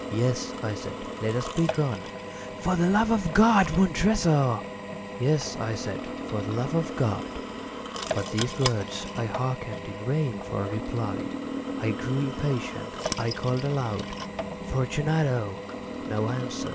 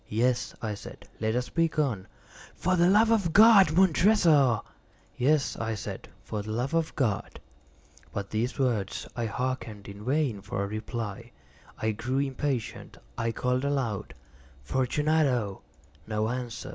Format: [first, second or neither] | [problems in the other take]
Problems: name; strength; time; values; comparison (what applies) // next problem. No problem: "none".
second | background sound (Drill); 7 dB below the speech